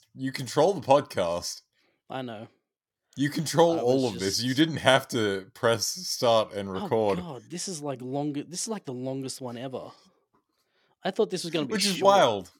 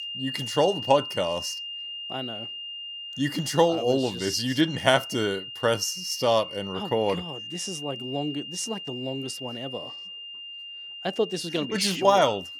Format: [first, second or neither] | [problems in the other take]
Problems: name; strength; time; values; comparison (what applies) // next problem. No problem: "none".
first | high-pitched whine; loud; throughout; 3 kHz, 9 dB below the speech